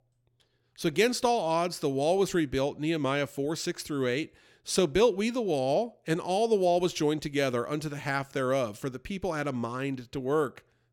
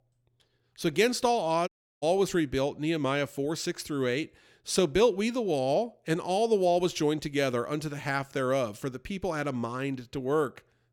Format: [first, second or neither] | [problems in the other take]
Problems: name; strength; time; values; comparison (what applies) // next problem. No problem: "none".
first | audio cutting out; at 1.5 s